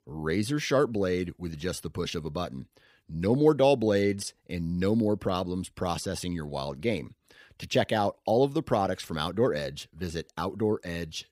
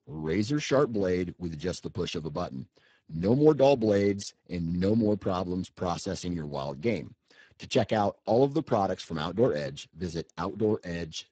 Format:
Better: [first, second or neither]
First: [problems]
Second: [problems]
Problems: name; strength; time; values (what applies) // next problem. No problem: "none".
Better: first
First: none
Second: garbled, watery; badly; nothing above 7.5 kHz